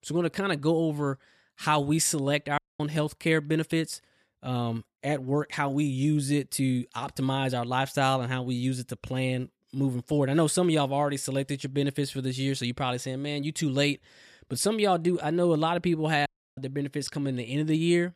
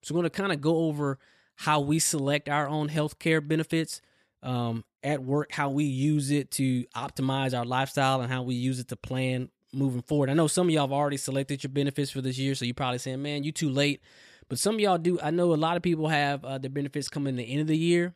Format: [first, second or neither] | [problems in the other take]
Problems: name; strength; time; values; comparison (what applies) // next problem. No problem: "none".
second | audio cutting out; at 2.5 s and at 16 s